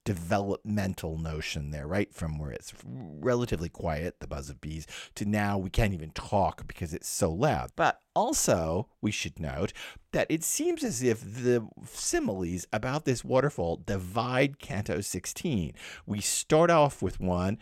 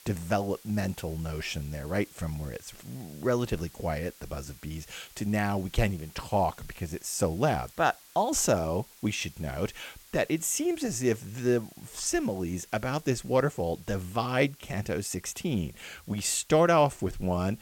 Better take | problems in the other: first | hiss; faint; throughout; 20 dB below the speech

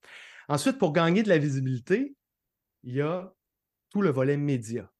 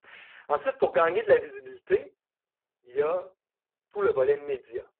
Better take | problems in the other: first | phone-call audio; poor line

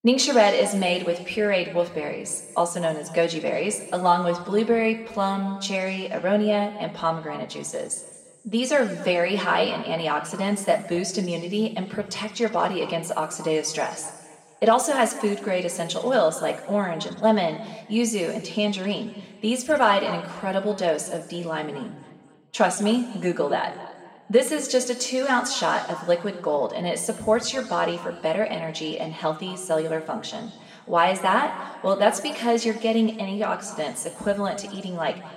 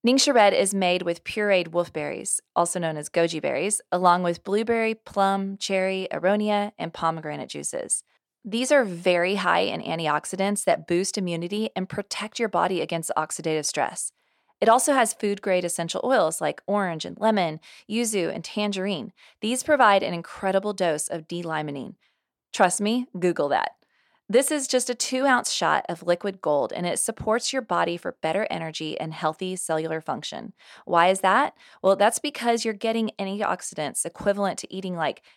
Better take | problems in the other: second | room echo; slight; dies away in 1.6 s // off-mic speech; somewhat distant

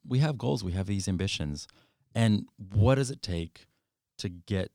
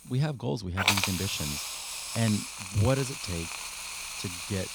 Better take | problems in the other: first | hiss; loud; throughout; as loud as the speech

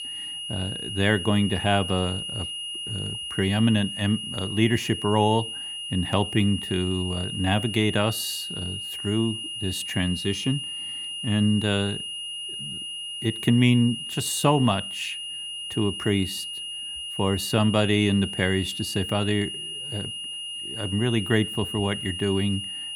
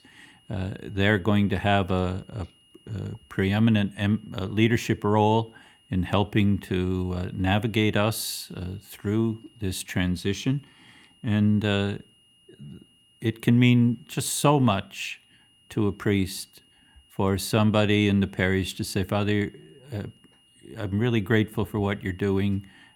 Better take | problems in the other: second | high-pitched whine; loud; throughout; 3 kHz, 6 dB below the speech; faint in the second

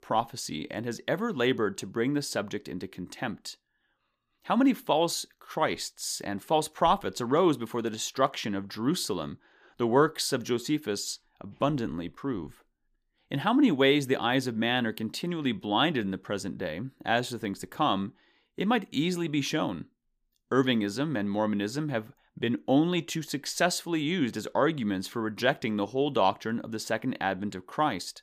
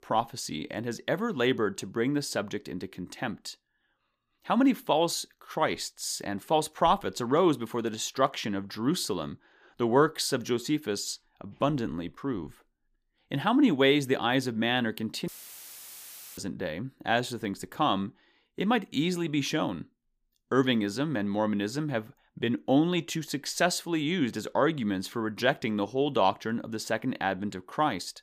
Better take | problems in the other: first | audio cutting out; filled with static; at 15 s for 1 s

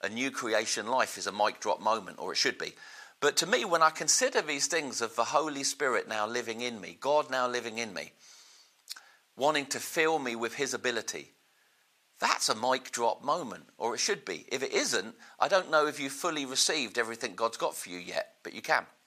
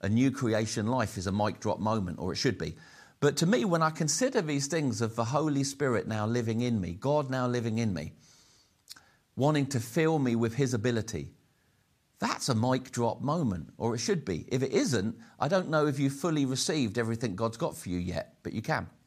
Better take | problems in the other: second | thin; very; fading below 600 Hz

